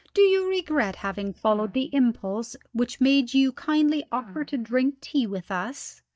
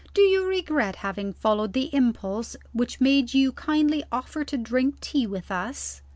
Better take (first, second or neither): second